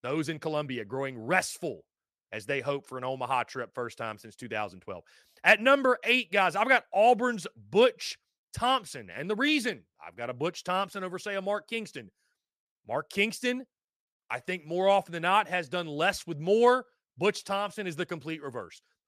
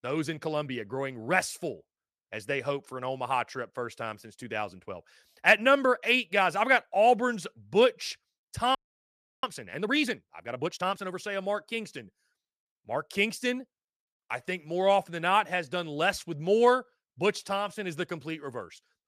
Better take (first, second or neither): first